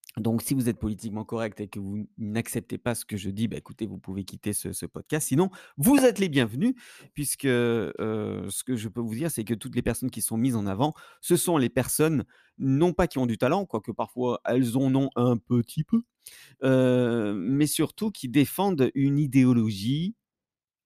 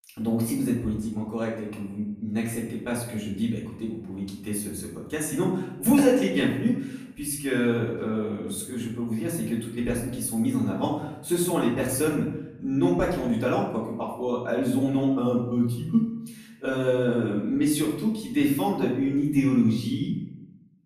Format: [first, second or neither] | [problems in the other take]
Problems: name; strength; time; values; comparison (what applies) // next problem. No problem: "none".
first | room echo; noticeable; dies away in 0.7 s // off-mic speech; far